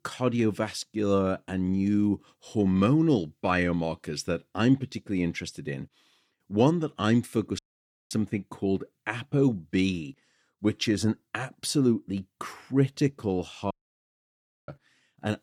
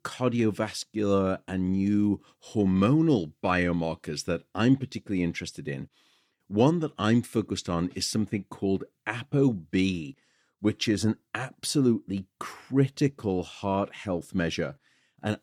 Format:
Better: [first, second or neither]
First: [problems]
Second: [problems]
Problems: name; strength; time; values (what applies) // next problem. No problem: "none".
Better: second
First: audio cutting out; at 7.5 s for 0.5 s and at 14 s for 1 s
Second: none